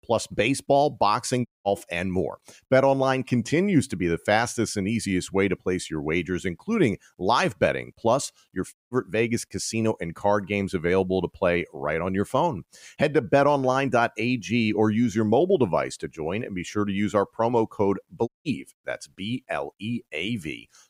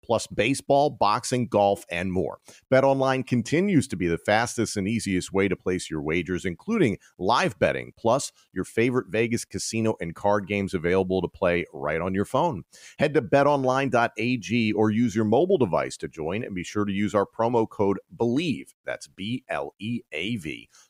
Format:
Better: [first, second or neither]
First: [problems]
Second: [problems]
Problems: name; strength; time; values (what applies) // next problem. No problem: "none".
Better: second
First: audio cutting out; at 1.5 s, at 8.5 s and at 18 s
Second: none